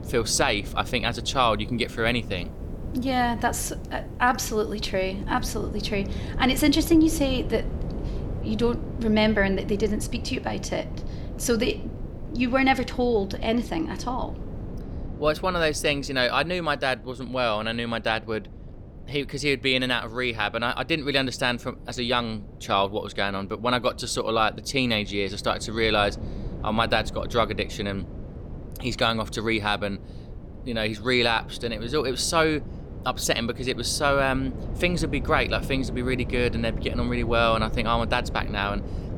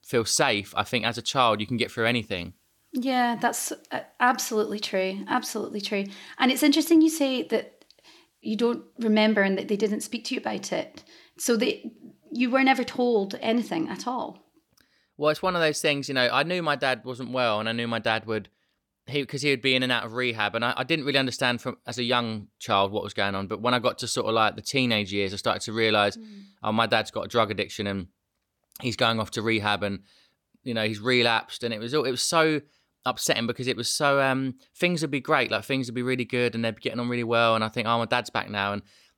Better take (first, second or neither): second